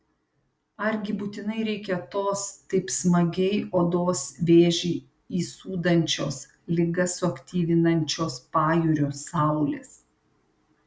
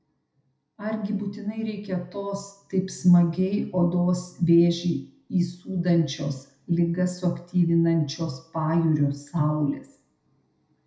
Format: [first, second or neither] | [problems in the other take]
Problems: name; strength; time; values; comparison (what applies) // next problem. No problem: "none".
first | room echo; dies away in 0.4 s